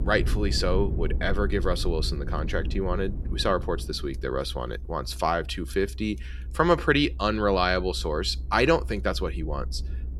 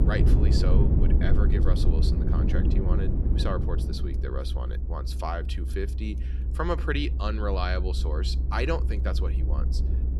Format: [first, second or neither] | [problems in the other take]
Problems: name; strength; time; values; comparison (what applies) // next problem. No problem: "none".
first | low rumble; loud; throughout; 5 dB below the speech; faint in the first